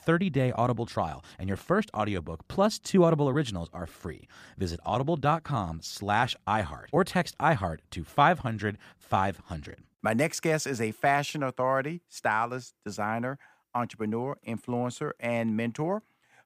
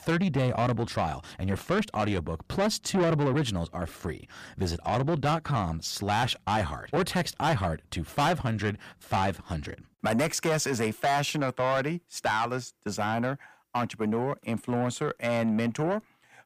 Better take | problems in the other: first | distortion; heavy; 7 dB below the speech

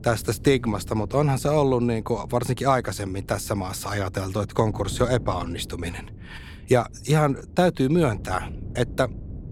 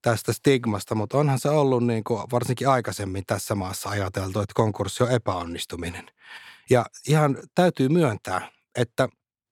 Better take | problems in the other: second | wind noise on the microphone; occasional gusts; 25 dB below the speech

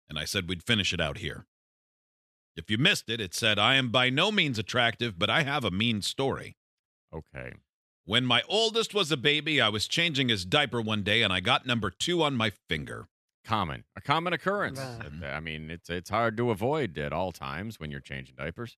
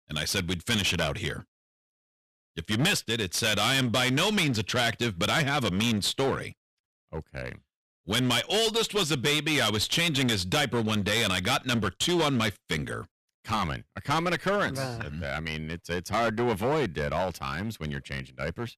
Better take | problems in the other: first | distortion; heavy; 13% of the sound clipped

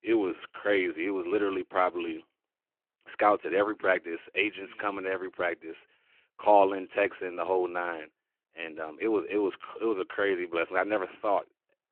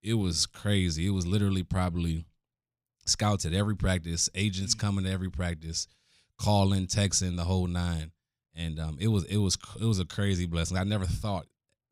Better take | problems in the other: second | phone-call audio

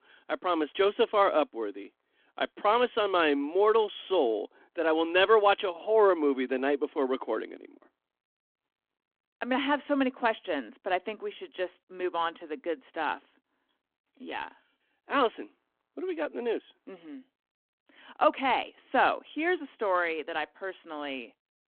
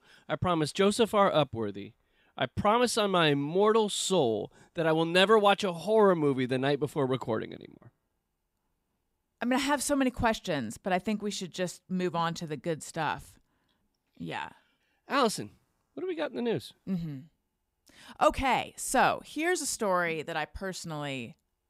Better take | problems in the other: second | phone-call audio

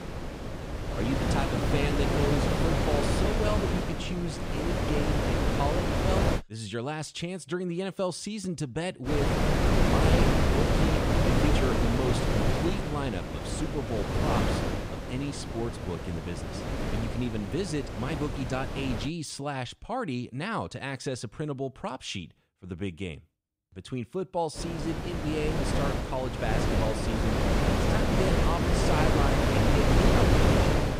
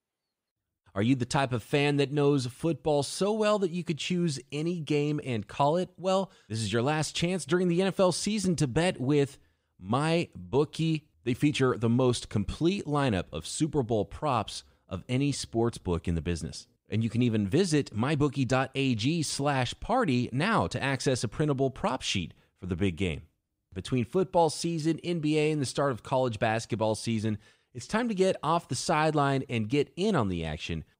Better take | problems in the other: second | wind noise on the microphone; heavy; until 6.5 s, from 9 to 19 s and from 25 s on; 4 dB above the speech

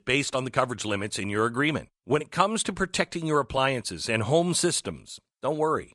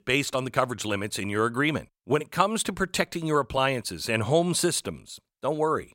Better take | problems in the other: second | garbled, watery; slightly; nothing above 10 kHz

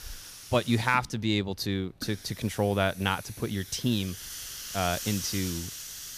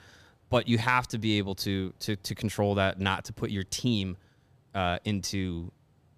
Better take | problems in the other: second | hiss; loud; throughout; 9 dB below the speech

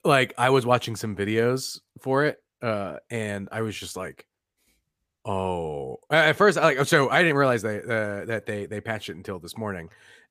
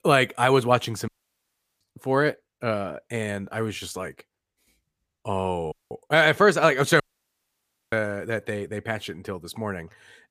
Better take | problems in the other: first | audio cutting out; at 1 s for 0.5 s, at 5.5 s and at 7 s for 1 s

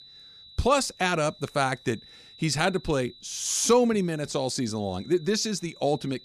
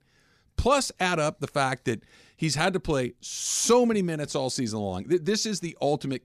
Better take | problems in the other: second | high-pitched whine; faint; throughout; 4 kHz, 20 dB below the speech

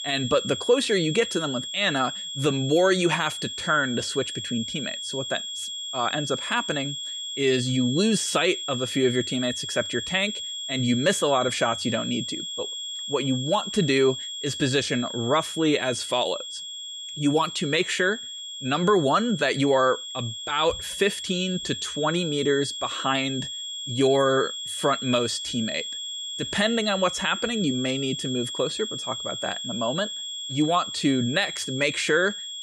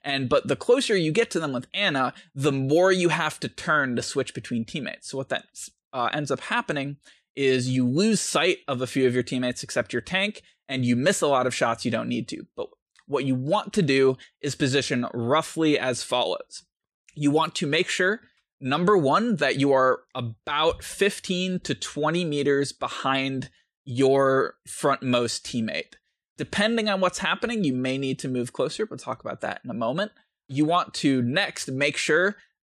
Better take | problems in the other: second | high-pitched whine; loud; throughout; 3.5 kHz, 6 dB below the speech

